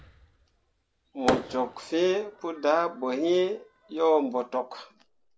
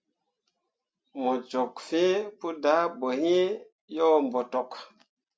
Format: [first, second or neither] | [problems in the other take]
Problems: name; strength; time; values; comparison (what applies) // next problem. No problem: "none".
second | background sound (Fireworks); 11 dB below the speech